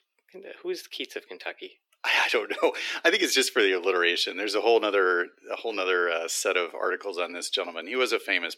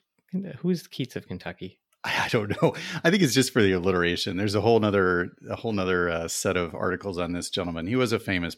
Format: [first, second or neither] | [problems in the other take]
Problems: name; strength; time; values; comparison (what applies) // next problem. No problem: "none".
second | thin; very; fading below 350 Hz